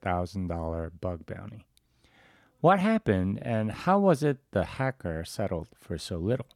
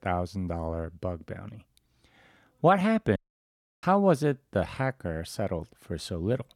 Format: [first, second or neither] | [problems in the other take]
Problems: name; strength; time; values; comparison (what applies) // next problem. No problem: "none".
first | audio cutting out; at 3 s for 0.5 s